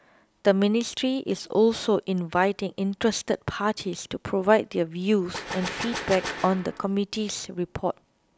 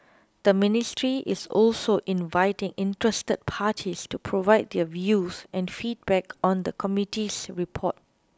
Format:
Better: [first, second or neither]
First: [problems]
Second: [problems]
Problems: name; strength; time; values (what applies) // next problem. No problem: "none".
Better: second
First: background sound (Gunshot, gunfire); 9 dB below the speech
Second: none